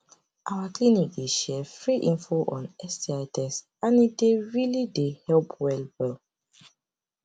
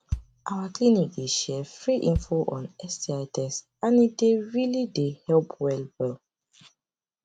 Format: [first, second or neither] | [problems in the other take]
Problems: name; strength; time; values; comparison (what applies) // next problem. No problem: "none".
first | background sound (Bass drum); 13 dB below the speech